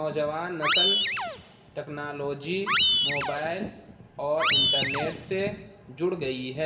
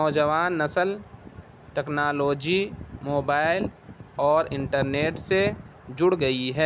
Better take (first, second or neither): second